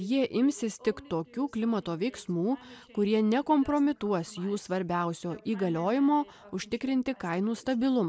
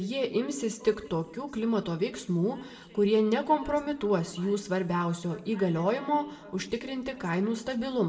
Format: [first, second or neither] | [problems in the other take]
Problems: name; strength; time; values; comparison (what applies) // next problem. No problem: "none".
first | room echo; dies away in 1 s